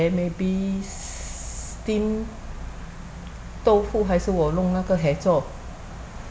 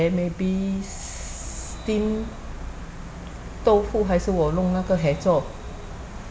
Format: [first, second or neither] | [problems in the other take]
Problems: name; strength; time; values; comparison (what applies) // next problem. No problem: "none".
first | background sound (Vehicle); 19 dB below the speech